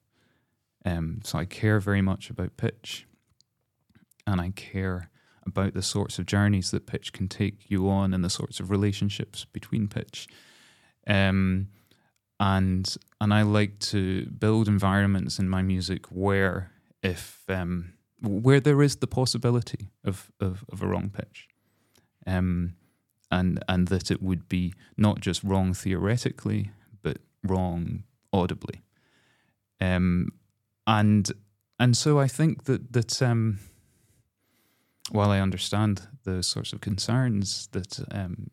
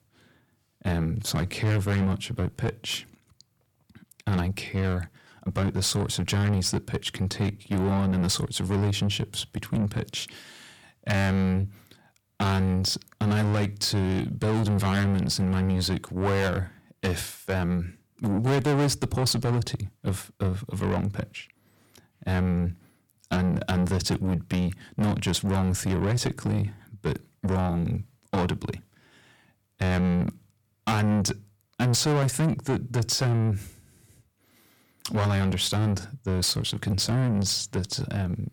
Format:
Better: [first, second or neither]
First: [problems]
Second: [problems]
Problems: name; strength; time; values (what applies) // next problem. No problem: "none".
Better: first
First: none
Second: distortion; heavy; 6 dB below the speech